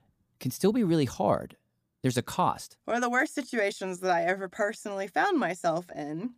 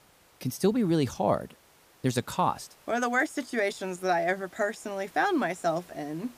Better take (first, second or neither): first